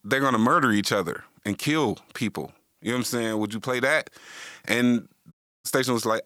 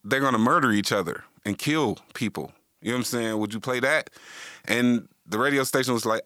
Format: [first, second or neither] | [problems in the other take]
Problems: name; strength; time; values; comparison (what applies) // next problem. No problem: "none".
second | audio cutting out; at 5.5 s